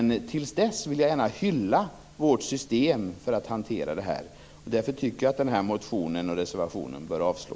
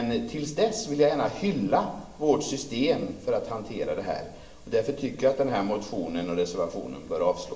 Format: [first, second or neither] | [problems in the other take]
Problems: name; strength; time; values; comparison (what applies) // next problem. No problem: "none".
first | room echo; dies away in 0.8 s